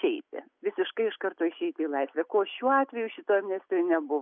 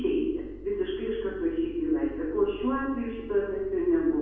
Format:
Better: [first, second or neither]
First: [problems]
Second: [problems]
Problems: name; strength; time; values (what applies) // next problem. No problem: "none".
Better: first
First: none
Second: background sound (Mechanical fan); 17 dB below the speech // room echo; dies away in 1.1 s